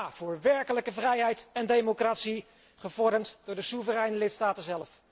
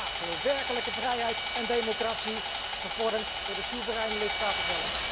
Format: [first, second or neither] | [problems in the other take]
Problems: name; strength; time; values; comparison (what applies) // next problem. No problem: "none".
first | background sound (Sawing); as loud as the speech